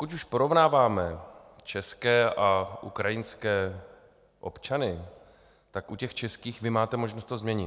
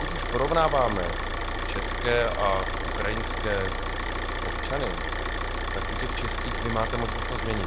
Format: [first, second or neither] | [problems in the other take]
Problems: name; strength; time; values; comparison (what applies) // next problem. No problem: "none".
first | background sound (Idling / Car); 1 dB above the speech